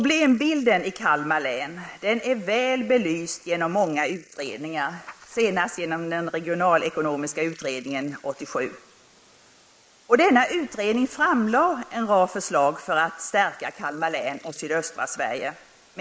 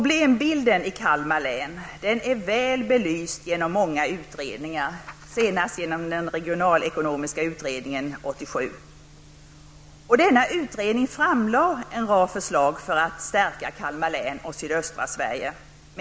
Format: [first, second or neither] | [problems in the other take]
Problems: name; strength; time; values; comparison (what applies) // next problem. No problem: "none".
second | noise reduction (neural mask model Resemble Enhance denoiser)